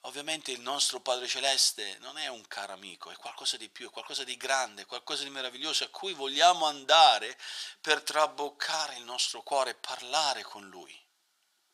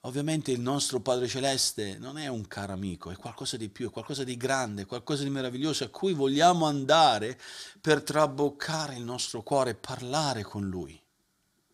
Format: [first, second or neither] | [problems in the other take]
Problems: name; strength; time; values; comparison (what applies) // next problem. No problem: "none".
second | thin; very; fading below 700 Hz